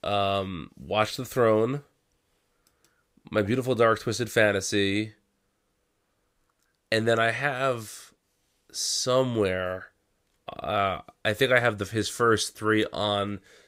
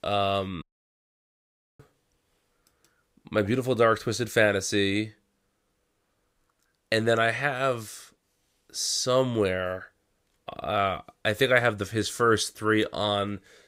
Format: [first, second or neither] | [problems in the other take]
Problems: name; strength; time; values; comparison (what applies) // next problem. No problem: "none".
first | audio cutting out; at 0.5 s for 1 s